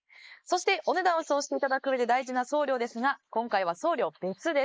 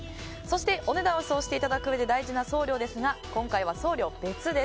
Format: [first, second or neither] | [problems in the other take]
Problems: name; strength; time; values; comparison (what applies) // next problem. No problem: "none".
second | noise reduction (neural mask model Resemble Enhance denoiser)